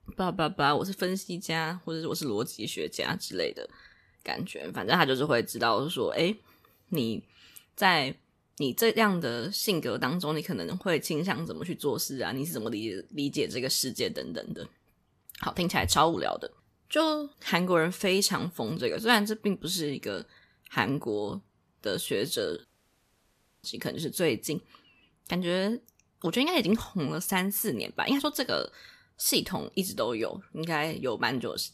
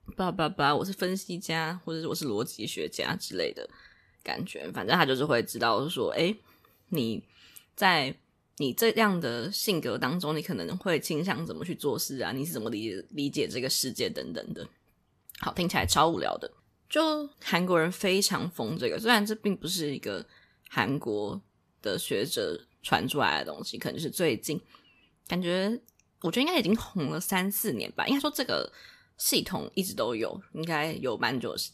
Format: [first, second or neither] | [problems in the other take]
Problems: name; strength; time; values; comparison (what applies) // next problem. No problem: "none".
second | audio cutting out; at 23 s for 1 s